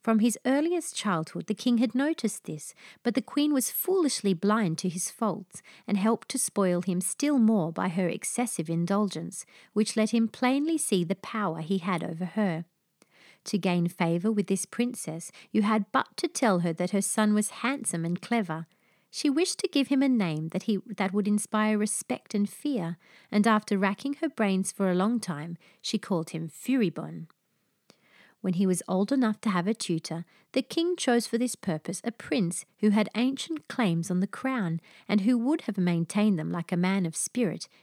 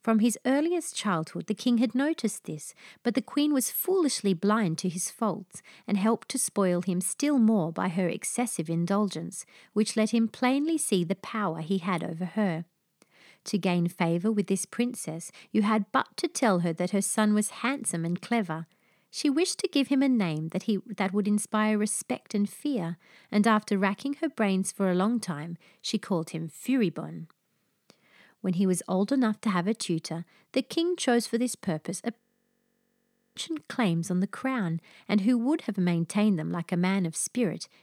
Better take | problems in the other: first | audio freezing; at 32 s for 1 s

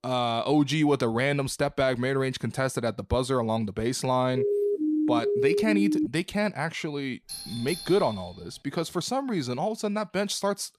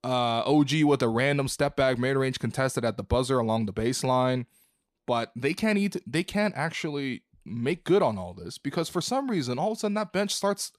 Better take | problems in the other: second | siren; loud; from 4.5 to 6 s; peak 2 dB above the speech // doorbell; noticeable; from 7.5 to 8.5 s; peak 9 dB below the speech

